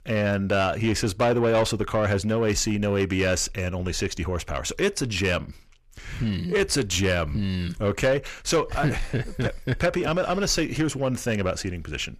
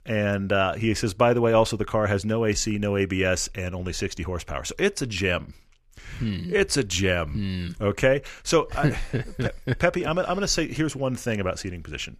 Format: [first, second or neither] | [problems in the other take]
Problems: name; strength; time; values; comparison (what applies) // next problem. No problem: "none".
second | distortion; slight; 10 dB below the speech